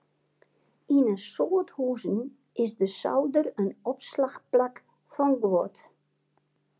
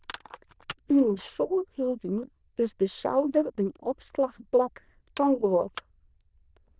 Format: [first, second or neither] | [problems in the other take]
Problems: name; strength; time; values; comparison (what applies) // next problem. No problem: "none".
first | noise reduction (neural diffusion model UNIVERSE++)